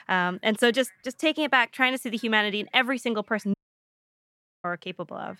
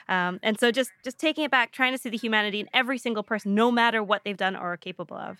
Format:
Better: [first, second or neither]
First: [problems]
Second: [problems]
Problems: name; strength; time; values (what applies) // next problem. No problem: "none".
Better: second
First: audio cutting out; at 3.5 s for 1 s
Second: none